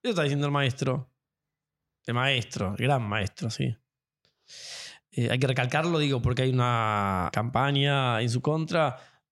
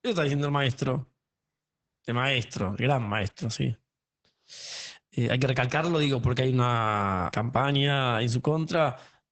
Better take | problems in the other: first | garbled, watery; badly; nothing above 8 kHz

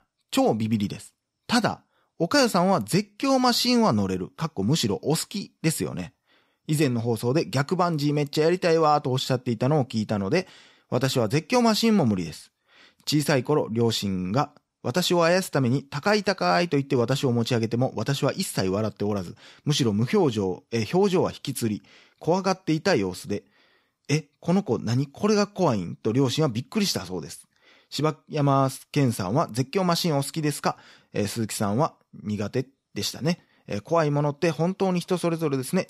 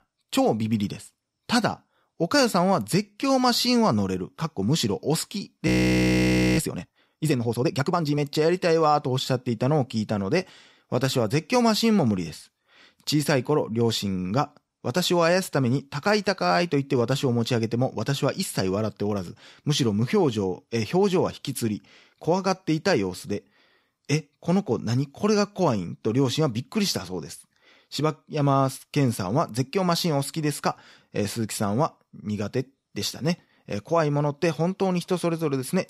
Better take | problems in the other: first | audio freezing; at 5.5 s for 1 s

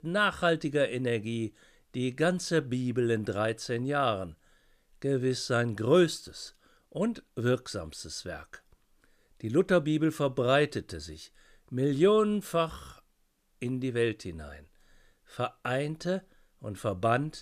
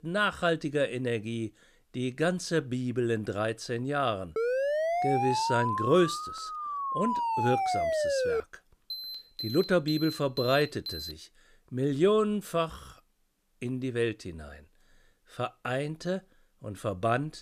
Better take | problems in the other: first | siren; loud; from 4.5 to 8.5 s; peak 2 dB above the speech // alarm; noticeable; from 9 to 11 s; peak 6 dB below the speech

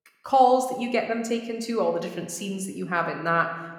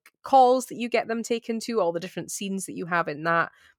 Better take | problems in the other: second | room echo; slight; dies away in 0.9 s

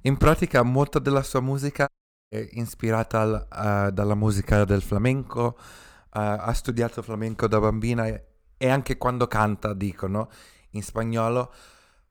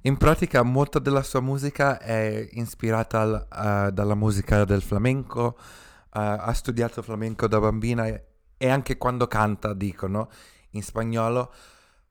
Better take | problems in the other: second | audio cutting out; at 2 s

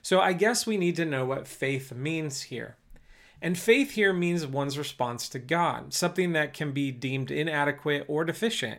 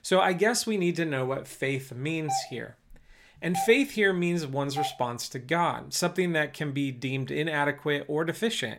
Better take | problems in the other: first | doorbell; noticeable; from 2.5 to 5 s; peak 5 dB below the speech

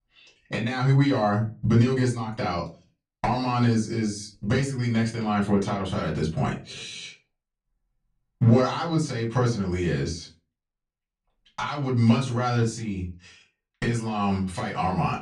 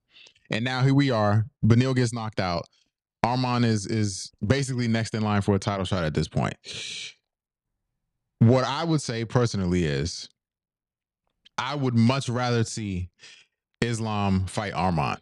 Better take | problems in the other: second | off-mic speech; far // room echo; very slight; dies away in 0.3 s

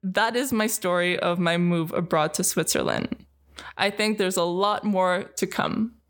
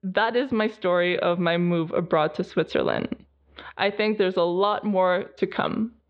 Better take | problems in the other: first | muffled; very; fading above 3.5 kHz

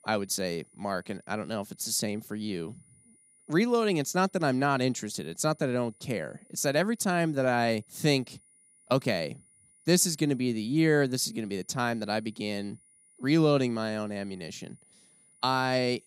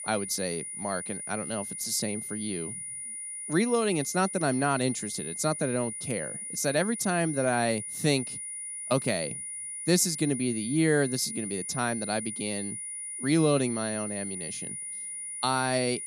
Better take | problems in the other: first | high-pitched whine; loud; throughout; 9.5 kHz, 6 dB below the speech; faint in the first

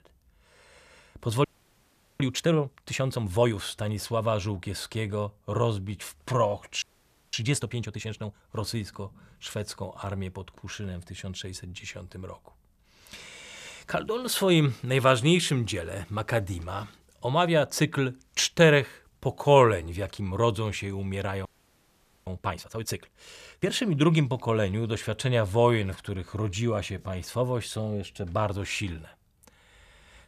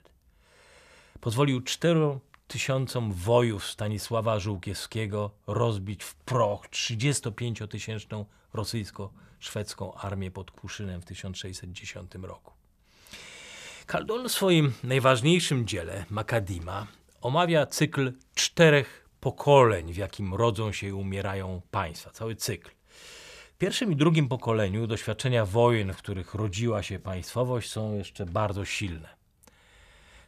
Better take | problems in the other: second | audio freezing; at 1.5 s for 1 s, at 7 s for 0.5 s and at 21 s for 1 s

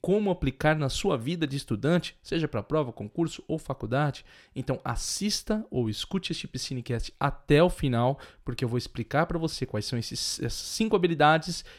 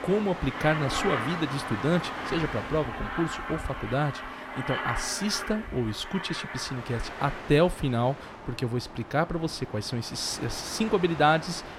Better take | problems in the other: first | train or aircraft noise; loud; throughout; 7 dB below the speech

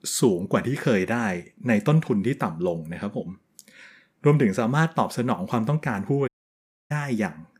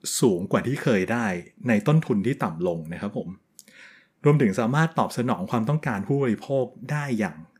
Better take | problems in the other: second | audio cutting out; at 6.5 s for 0.5 s

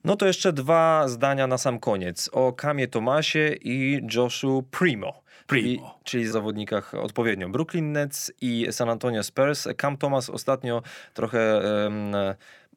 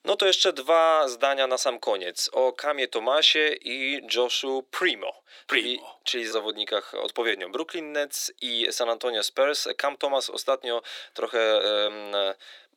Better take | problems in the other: first | thin; very; fading below 350 Hz

